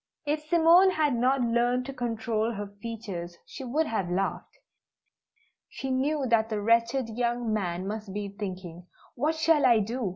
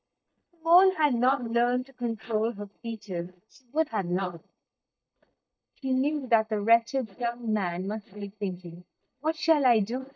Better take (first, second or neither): first